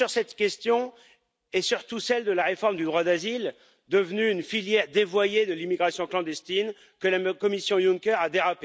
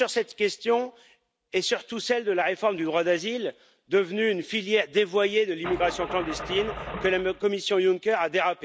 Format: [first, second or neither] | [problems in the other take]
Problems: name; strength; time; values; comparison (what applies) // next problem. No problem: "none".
first | background sound (Engine starting / Car); 9 dB below the speech